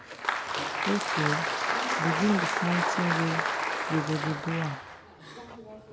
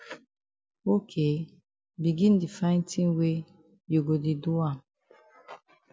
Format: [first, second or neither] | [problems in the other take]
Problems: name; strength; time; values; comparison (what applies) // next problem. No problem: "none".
second | background sound (Applause); 2 dB above the speech